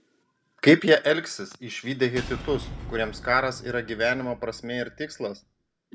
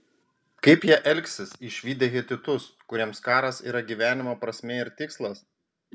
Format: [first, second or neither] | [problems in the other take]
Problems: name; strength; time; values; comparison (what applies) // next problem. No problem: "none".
second | background sound (Shatter / Boom); 15 dB below the speech